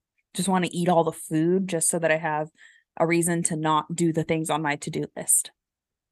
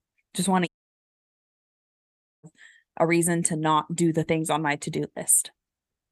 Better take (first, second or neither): first